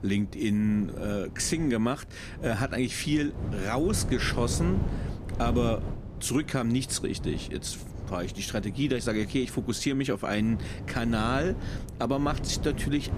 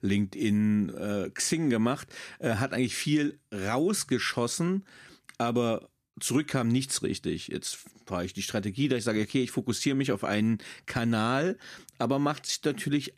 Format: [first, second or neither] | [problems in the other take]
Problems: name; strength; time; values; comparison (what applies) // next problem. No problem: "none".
second | wind noise on the microphone; occasional gusts; 15 dB below the speech